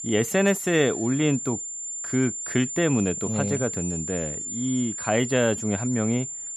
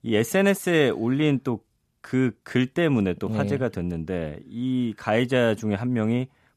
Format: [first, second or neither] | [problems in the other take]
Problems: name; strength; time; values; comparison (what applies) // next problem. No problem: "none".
second | high-pitched whine; loud; throughout; 7 kHz, 5 dB below the speech